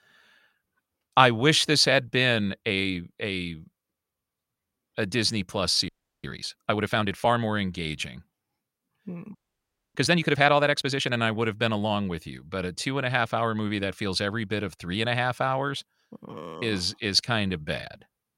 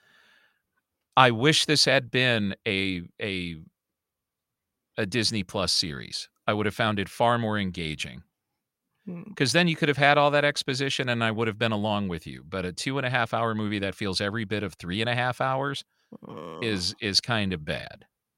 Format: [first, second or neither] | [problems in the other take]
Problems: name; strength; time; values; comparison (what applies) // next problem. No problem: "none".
second | audio freezing; at 6 s and at 9.5 s for 0.5 s